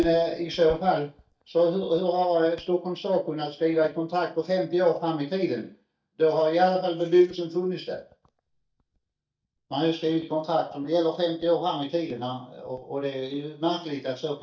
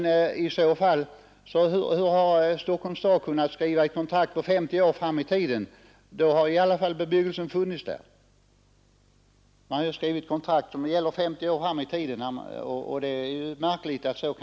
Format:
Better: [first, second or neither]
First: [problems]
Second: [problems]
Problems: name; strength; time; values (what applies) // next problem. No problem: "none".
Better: second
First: noise reduction (neural mask model DeepFilterNet 3)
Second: none